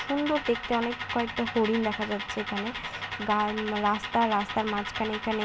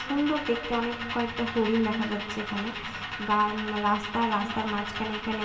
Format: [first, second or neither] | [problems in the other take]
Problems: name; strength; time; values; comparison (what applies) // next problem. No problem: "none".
first | room echo; dies away in 1.9 s